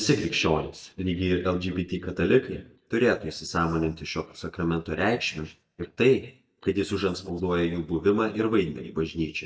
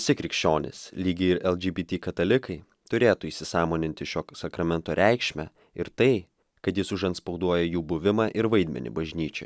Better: second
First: noise reduction (neural mask model DeepFilterNet 3)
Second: none

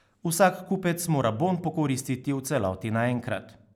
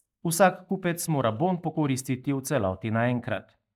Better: first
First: none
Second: noise reduction (neural mask model DeepFilterNet 3)

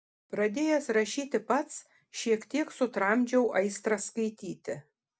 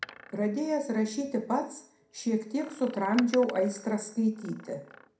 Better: first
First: none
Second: background sound (Door); 18 dB below the speech // room echo; dies away in 0.4 s

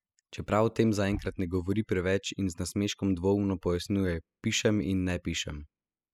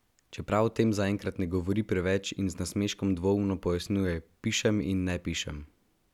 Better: second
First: noise reduction (classical method spectral subtraction)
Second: none

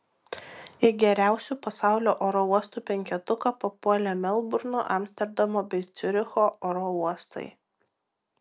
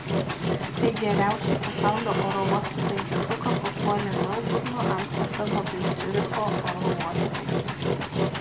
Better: first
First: none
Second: background sound (Engine); 3 dB above the speech // room echo; dies away in 1.2 s

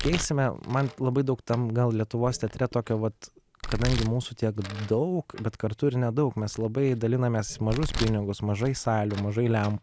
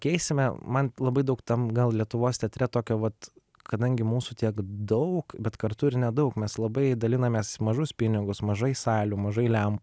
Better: second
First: background sound (Domestic sounds, home sounds); 12 dB below the speech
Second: none

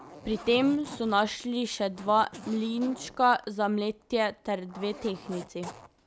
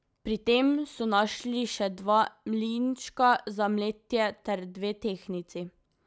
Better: second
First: background sound (Zipper (clothing)); 18 dB below the speech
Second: none

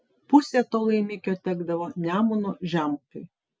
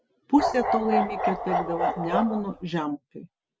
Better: first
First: none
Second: background sound (Bark); as loud as the speech

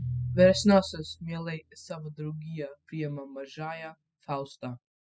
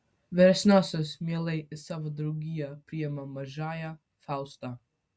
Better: second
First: noise reduction (classical method spectral subtraction)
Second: none

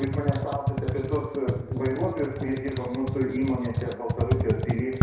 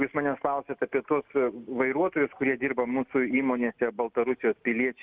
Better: second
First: background sound (Computer keyboard); 1 dB above the speech // room echo; dies away in 0.7 s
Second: none

